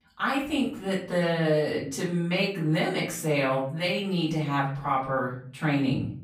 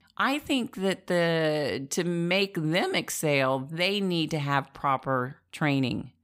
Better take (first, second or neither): second